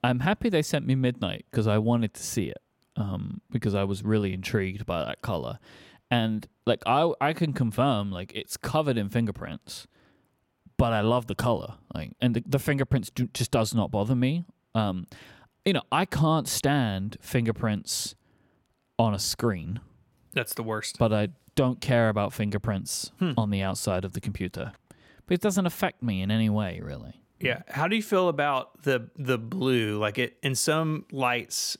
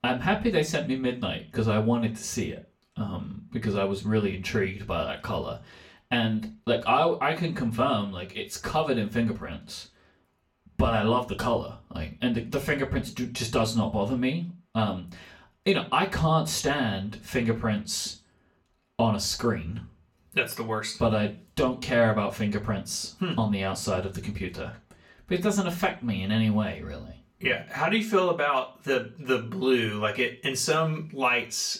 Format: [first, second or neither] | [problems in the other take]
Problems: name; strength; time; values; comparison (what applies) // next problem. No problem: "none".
first | room echo; very slight; dies away in 0.3 s // off-mic speech; far